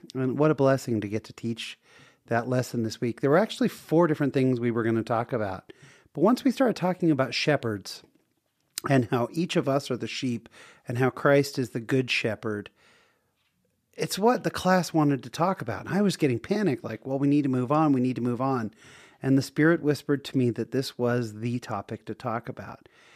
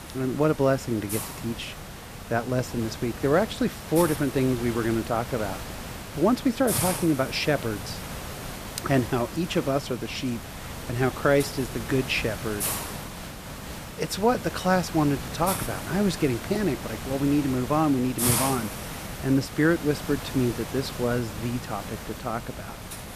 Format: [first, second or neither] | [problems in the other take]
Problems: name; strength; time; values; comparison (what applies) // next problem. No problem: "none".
first | hiss; loud; throughout; 8 dB below the speech